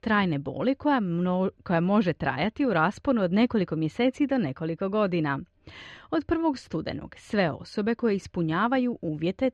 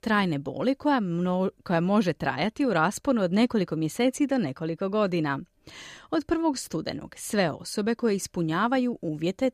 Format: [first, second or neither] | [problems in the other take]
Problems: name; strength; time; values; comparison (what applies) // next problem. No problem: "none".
second | muffled; very slightly; fading above 3 kHz